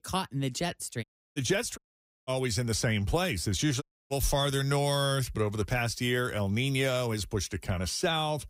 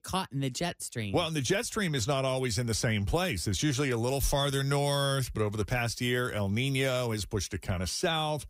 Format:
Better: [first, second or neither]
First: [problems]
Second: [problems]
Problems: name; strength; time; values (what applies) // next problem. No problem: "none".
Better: second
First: audio cutting out; at 1 s, at 2 s and at 4 s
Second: none